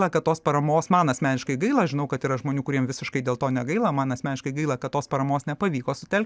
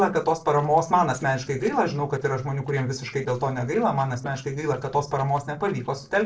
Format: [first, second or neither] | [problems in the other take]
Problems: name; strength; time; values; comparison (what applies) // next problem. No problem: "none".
first | noise reduction (neural separator model SepFormer DNS4)